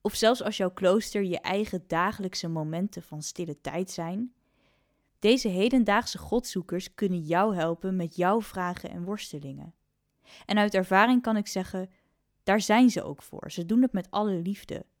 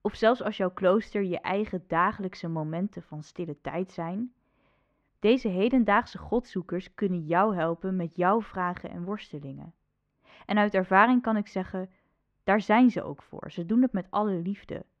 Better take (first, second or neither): first